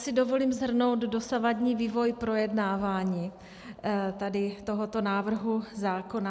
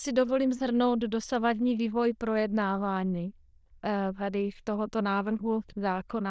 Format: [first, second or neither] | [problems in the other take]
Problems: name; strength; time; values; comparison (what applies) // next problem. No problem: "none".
first | noise reduction (neural diffusion model UNIVERSE++)